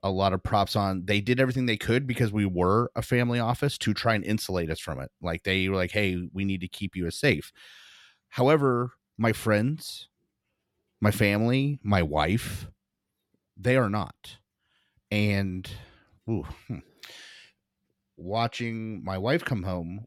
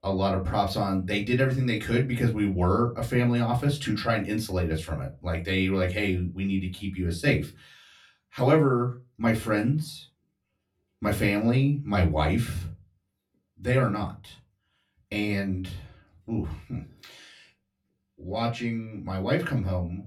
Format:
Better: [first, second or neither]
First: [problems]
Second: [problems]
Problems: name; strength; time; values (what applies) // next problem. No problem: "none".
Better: first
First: none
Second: off-mic speech; far // room echo; very slight; dies away in 0.2 s